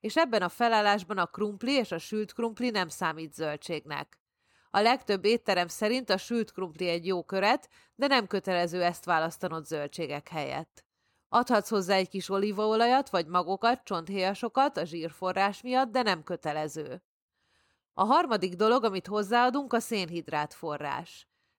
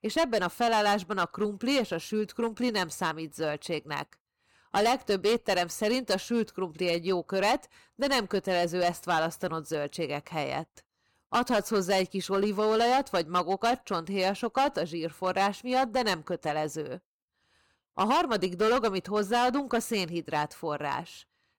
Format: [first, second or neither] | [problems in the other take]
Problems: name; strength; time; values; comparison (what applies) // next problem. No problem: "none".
first | distortion; slight; 7% of the sound clipped